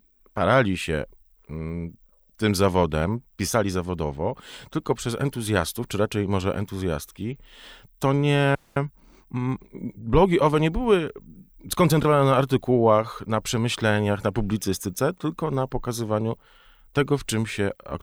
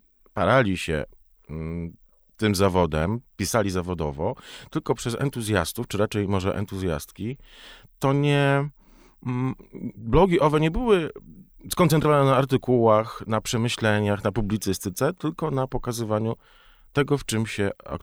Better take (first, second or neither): second